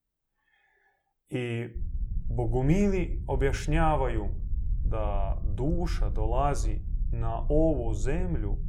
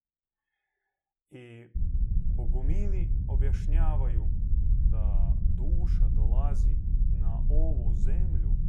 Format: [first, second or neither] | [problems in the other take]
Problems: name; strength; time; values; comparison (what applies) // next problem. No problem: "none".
first | low rumble; loud; from 2 s on; 1 dB below the speech; faint in the first